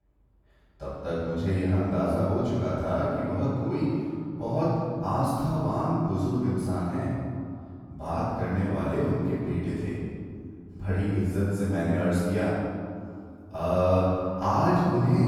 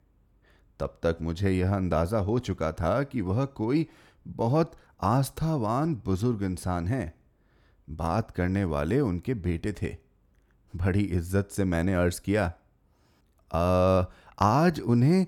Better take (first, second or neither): second